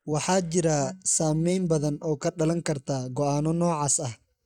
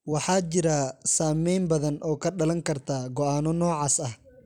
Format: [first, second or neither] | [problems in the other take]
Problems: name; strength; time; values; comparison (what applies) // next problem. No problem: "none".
second | noise reduction (neural mask model DeepFilterNet 3)